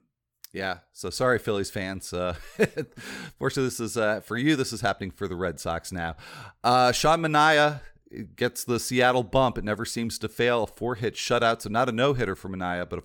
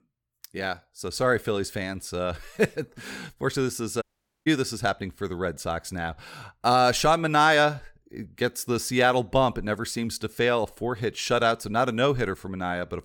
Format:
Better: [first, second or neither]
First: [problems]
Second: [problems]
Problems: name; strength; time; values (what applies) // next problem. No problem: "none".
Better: first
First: none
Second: audio cutting out; at 4 s